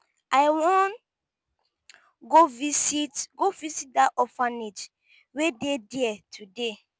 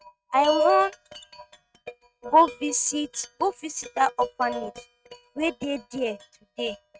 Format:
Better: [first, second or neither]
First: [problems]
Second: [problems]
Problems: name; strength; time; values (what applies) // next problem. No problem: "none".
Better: first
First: none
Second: noise reduction (neural mask model RNNoise)